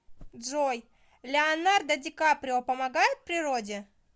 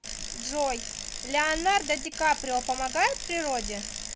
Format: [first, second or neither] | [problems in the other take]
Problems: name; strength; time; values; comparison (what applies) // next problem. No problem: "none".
first | background sound (Bicycle); 7 dB below the speech